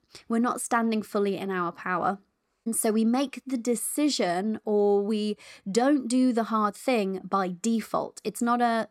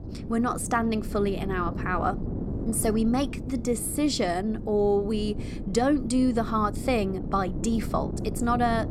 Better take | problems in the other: first | wind noise on the microphone; occasional gusts; 15 dB below the speech

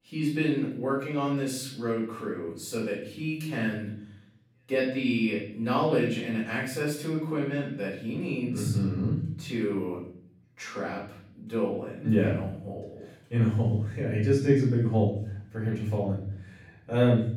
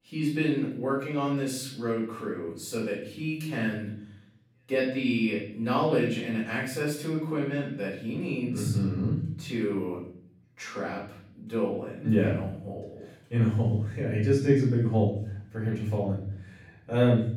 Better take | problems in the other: neither | off-mic speech; far; the same in both // room echo; noticeable; dies away in 0.7 s; the same in both

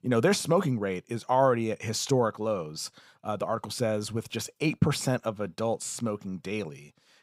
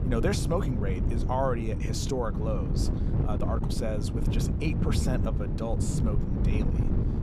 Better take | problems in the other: first | wind noise on the microphone; heavy; 5 dB below the speech

